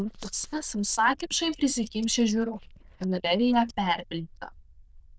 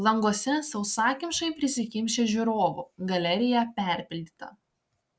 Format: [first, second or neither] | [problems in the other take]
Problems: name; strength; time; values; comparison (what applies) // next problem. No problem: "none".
second | noise reduction (neural diffusion model UNIVERSE++)